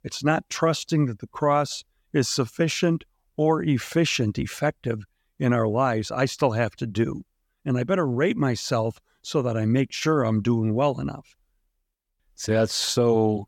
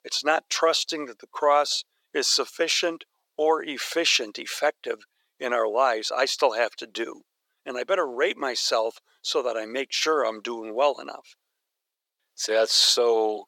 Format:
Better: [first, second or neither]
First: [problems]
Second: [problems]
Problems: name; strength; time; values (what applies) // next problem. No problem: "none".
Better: first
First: none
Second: thin; very; fading below 450 Hz